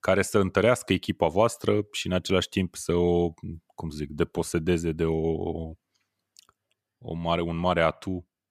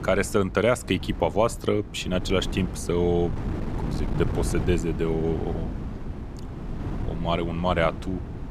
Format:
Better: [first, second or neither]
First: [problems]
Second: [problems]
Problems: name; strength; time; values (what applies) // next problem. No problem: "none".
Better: first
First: none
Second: wind noise on the microphone; occasional gusts; 15 dB below the speech